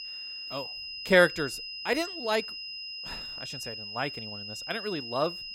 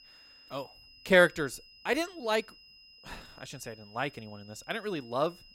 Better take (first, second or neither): second